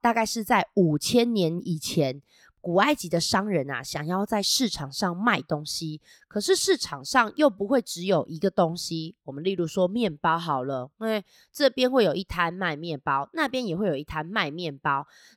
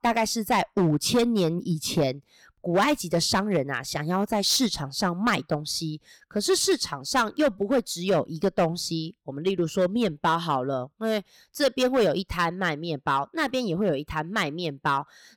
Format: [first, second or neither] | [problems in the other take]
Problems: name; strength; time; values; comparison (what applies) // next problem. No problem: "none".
first | distortion; slight; 5% of the sound clipped